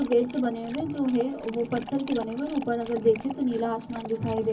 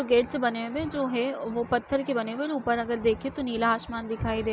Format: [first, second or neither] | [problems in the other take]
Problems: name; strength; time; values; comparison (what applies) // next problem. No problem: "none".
second | background sound (Dog); 17 dB below the speech // room echo; dies away in 0.3 s